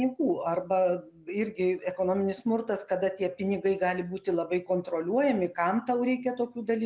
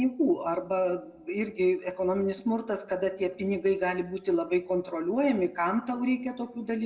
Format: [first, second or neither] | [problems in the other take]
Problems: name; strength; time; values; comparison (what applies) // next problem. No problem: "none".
first | room echo; dies away in 0.9 s